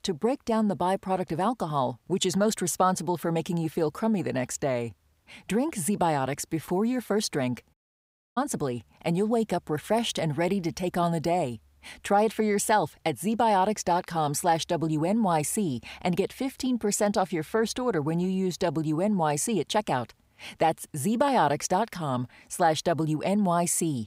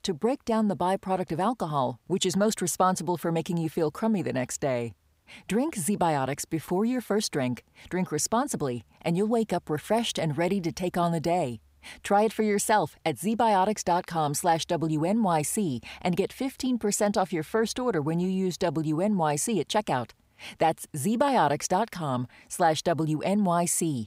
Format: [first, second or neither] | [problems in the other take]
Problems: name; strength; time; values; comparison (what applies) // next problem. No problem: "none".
second | audio cutting out; at 7.5 s for 0.5 s